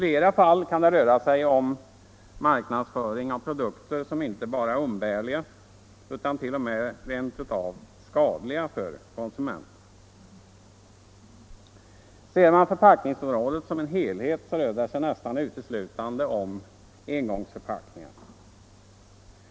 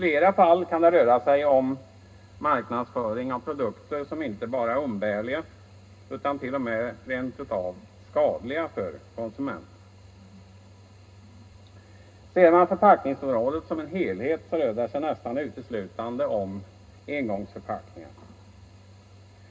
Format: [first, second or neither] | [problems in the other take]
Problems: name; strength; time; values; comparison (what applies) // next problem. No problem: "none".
first | room echo; dies away in 0.2 s